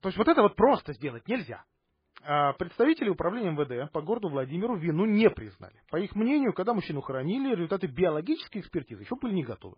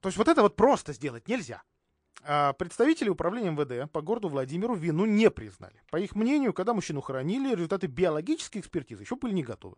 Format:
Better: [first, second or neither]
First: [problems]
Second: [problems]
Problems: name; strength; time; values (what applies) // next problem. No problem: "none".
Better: second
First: garbled, watery; badly; nothing above 4 kHz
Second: garbled, watery; slightly; nothing above 8.5 kHz